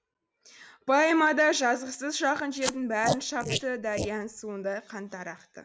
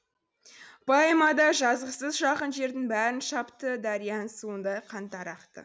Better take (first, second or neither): second